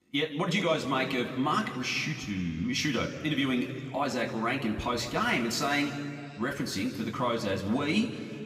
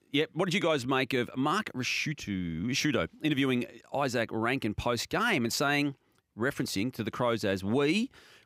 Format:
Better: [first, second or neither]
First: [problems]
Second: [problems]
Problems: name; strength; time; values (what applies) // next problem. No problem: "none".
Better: second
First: room echo; slight; dies away in 1.9 s // off-mic speech; somewhat distant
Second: none